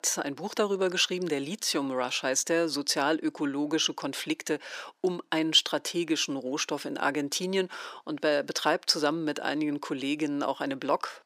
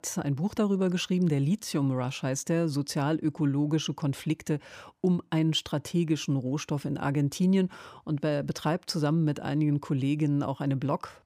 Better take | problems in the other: second | thin; somewhat; fading below 350 Hz

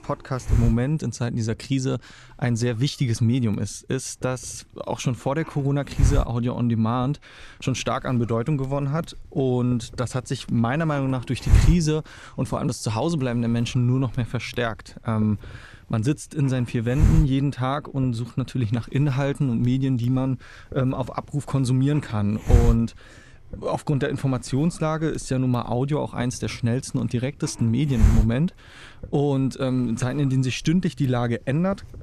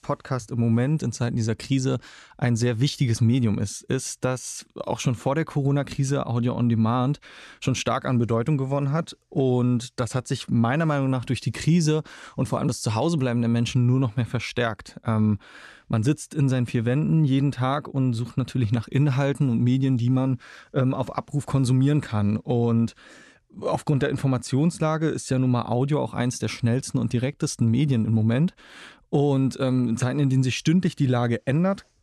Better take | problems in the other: second | hiss; loud; throughout; as loud as the speech

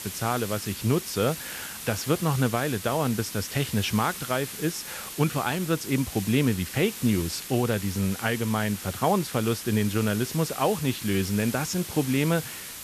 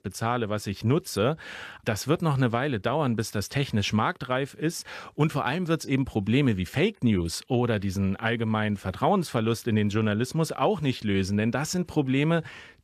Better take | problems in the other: second | hiss; loud; throughout; 9 dB below the speech

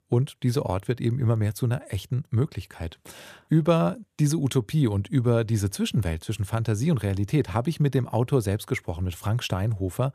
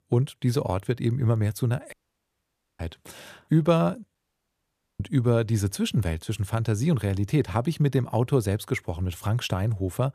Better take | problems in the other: first | audio cutting out; at 2 s for 1 s and at 4 s for 1 s

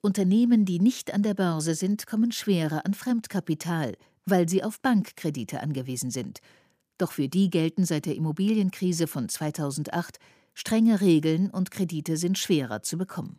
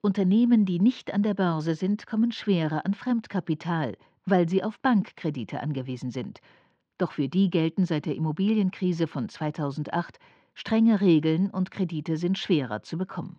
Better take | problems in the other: first | muffled; slightly; fading above 4 kHz

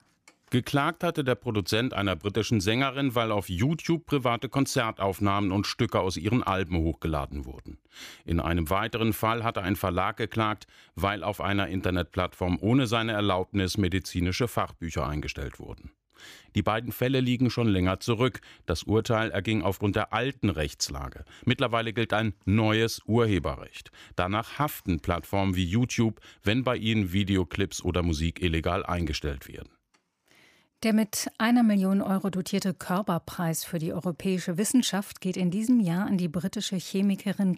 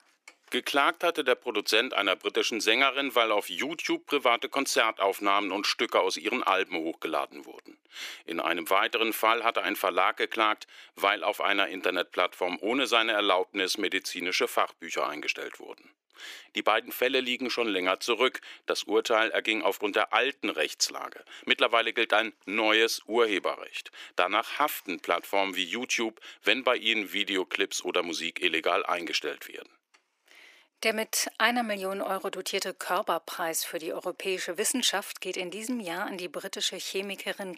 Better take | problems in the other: first | thin; very; fading below 350 Hz

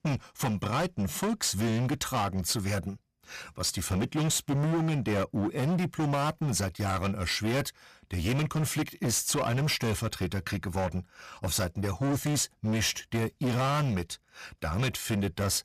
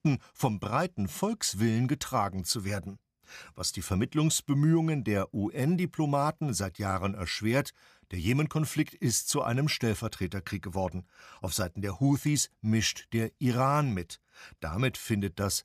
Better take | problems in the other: second | distortion; heavy; 21% of the sound clipped

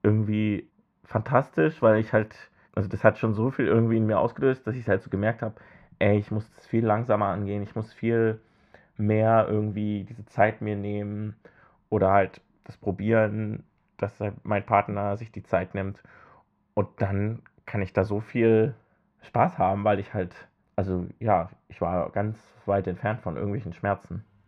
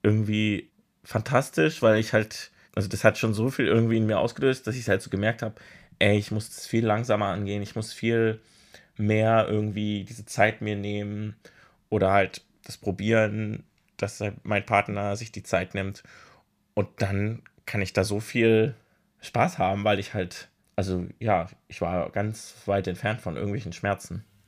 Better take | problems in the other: second | muffled; very; fading above 3.5 kHz

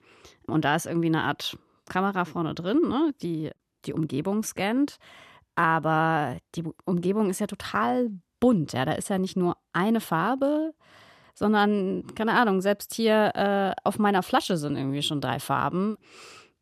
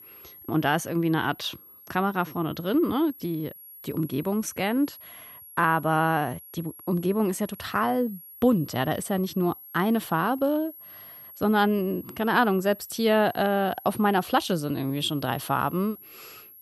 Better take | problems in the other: first | high-pitched whine; noticeable; throughout; 11.5 kHz, 20 dB below the speech

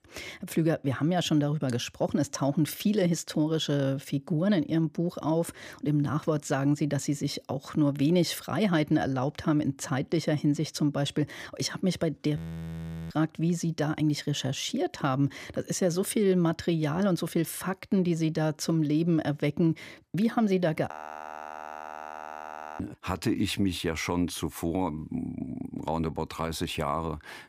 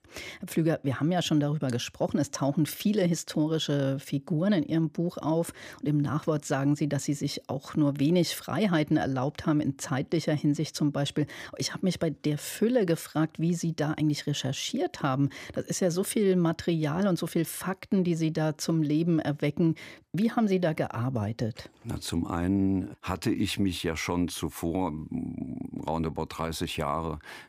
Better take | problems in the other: second | audio freezing; at 12 s for 0.5 s and at 21 s for 2 s

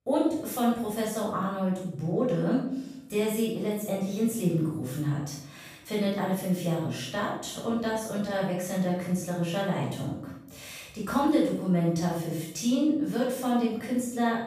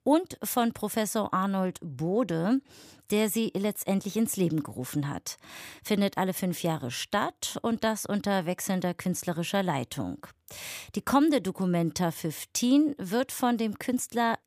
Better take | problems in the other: second | off-mic speech; far // room echo; noticeable; dies away in 0.6 s

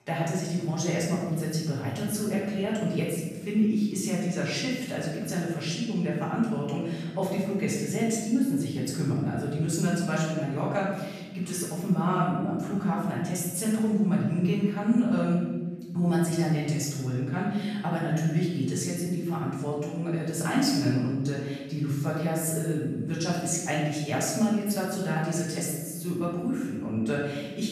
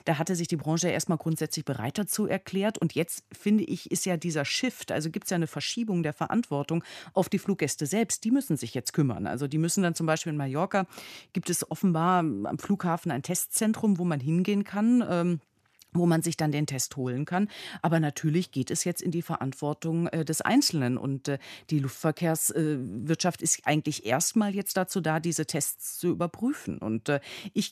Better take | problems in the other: second | off-mic speech; far // room echo; noticeable; dies away in 1.2 s

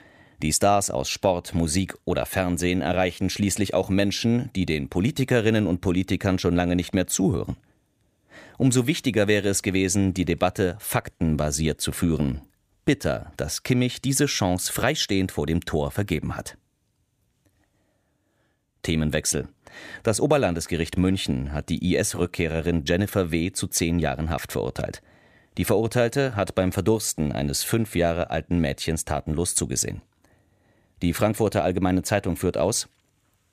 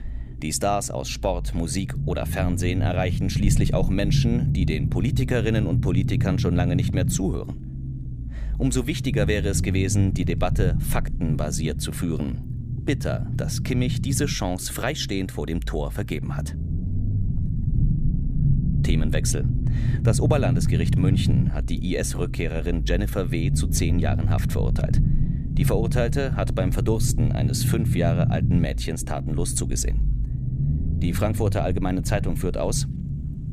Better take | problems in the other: first | low rumble; loud; throughout; 8 dB below the speech

